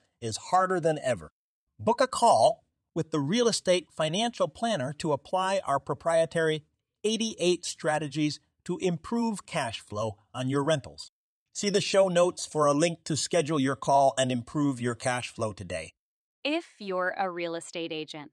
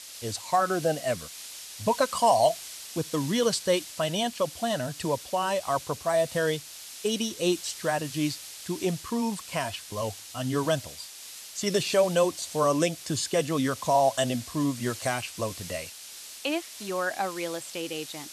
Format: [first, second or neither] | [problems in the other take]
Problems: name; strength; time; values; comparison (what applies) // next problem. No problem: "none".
first | hiss; noticeable; throughout; 10 dB below the speech